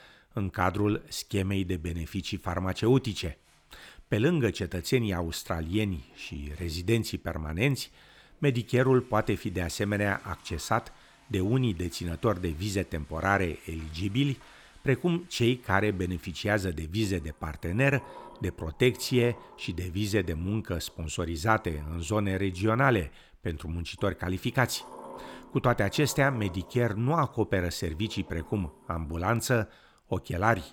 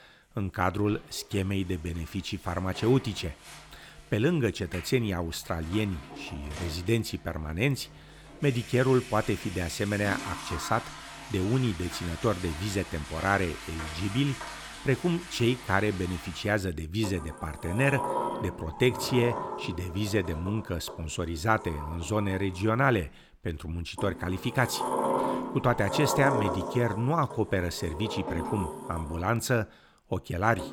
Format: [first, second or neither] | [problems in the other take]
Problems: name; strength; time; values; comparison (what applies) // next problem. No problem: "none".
first | household noises; loud; throughout; 8 dB below the speech; faint in the first